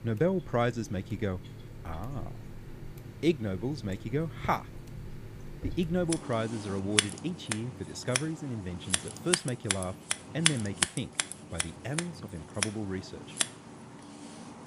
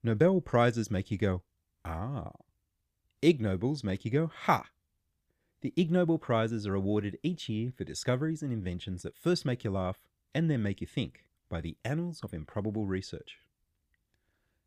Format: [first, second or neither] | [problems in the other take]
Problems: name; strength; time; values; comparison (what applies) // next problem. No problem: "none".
second | household noises; very loud; throughout; as loud as the speech